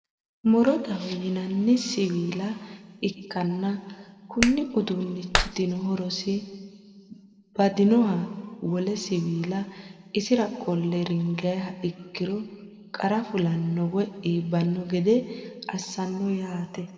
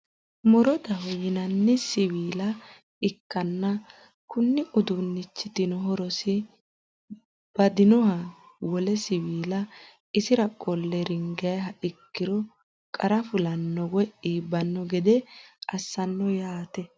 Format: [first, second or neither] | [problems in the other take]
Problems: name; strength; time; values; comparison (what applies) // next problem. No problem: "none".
second | background sound (Clapping); 4 dB below the speech // room echo; dies away in 1.7 s